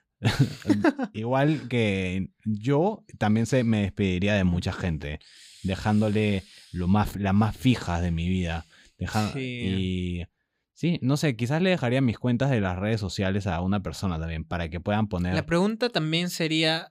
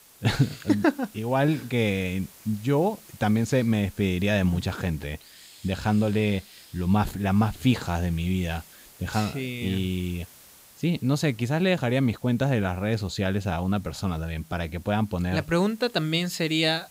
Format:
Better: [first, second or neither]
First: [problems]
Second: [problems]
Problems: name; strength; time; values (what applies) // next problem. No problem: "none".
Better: first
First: none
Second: hiss; faint; throughout; 25 dB below the speech